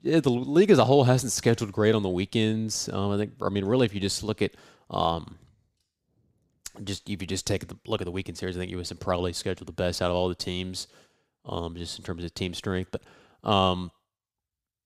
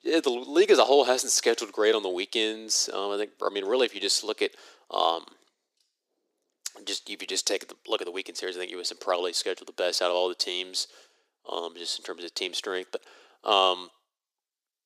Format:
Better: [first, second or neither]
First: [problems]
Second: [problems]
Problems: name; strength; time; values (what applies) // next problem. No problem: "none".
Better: first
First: none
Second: thin; very; fading below 350 Hz